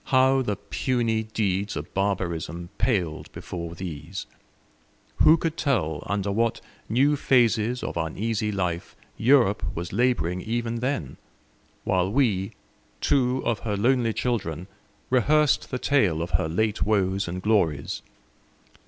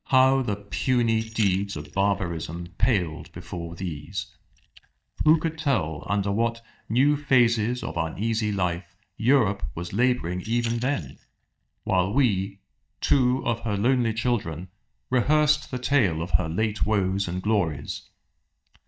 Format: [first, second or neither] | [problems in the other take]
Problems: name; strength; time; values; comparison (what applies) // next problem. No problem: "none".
first | noise reduction (neural mask model DeepFilterNet 3)